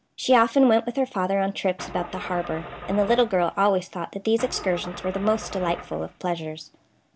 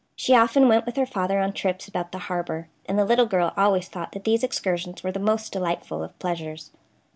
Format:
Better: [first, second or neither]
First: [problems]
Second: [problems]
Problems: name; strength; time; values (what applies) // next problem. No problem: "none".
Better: second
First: background sound (Engine starting / Car); 13 dB below the speech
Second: none